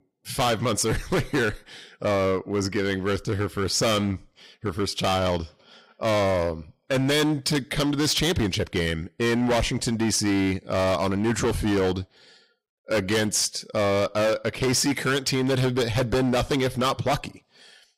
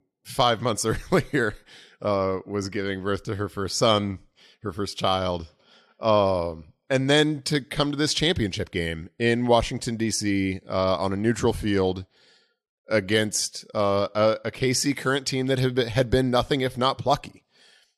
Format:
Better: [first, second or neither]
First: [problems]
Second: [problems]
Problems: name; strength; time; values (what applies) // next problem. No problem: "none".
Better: second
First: distortion; heavy; 17% of the sound clipped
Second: none